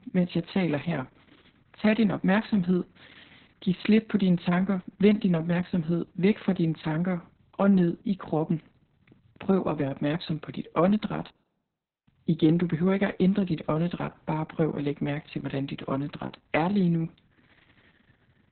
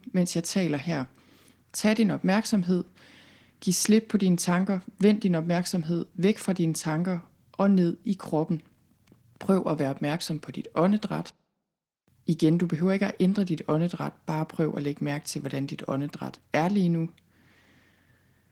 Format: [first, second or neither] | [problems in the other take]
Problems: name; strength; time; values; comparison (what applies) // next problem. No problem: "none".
second | garbled, watery; badly; nothing above 4 kHz; slightly in the second